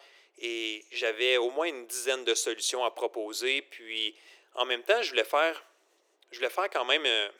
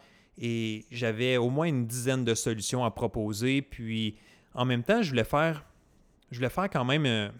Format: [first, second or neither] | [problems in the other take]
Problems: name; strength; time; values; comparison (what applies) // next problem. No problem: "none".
second | thin; very; fading below 350 Hz